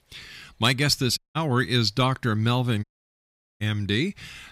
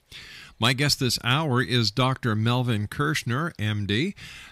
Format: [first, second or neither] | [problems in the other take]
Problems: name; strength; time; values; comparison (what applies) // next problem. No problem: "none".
second | audio cutting out; at 1 s and at 3 s for 1 s